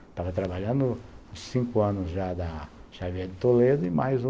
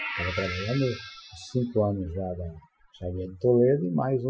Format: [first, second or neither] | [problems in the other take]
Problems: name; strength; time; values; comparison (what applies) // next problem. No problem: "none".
first | noise reduction (classical method Wiener filter)